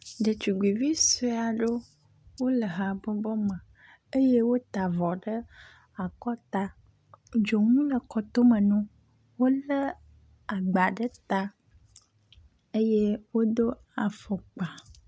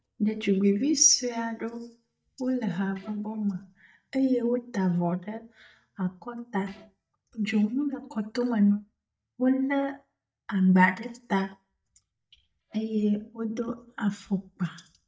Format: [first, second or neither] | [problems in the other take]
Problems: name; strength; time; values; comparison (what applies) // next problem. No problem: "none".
first | noise reduction (neural mask model DeepFilterNet 3)